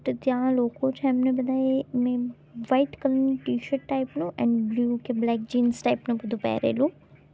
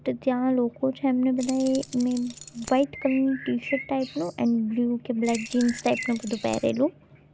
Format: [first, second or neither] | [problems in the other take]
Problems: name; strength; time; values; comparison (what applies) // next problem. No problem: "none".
first | background sound (Keys jangling + Bird); 14 dB below the speech